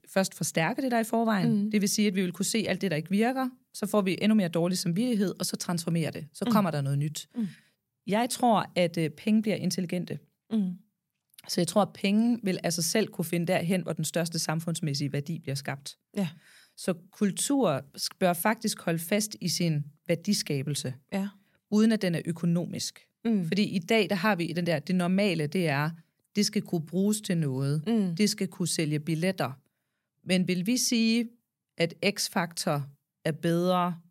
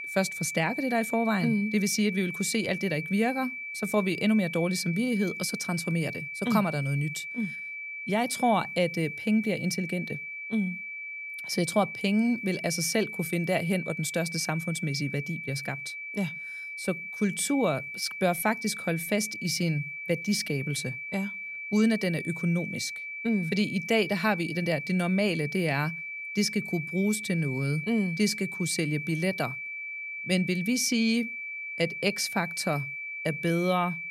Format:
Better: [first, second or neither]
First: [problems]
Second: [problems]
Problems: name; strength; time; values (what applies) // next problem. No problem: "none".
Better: first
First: none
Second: high-pitched whine; loud; throughout; 2.5 kHz, 6 dB below the speech